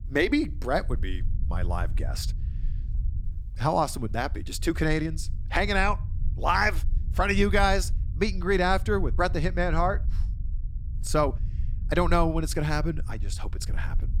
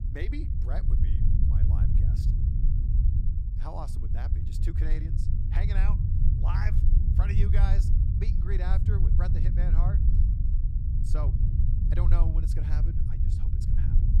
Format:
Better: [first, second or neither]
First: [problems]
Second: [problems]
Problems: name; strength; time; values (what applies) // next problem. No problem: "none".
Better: first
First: low rumble; faint; throughout; 25 dB below the speech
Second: low rumble; loud; throughout; 1 dB below the speech